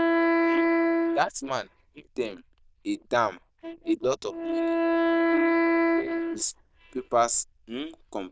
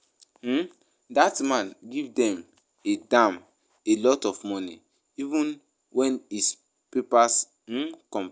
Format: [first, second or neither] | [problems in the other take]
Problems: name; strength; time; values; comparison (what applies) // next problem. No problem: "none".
second | noise reduction (neural diffusion model UNIVERSE++)